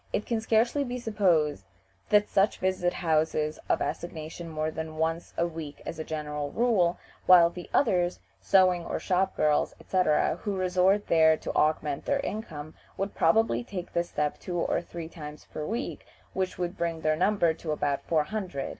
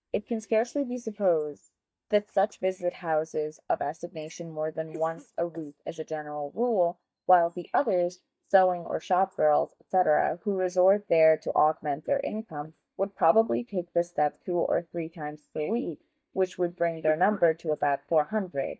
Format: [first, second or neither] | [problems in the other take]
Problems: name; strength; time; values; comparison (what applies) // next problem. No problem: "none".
first | noise reduction (neural mask model DeepFilterNet 3)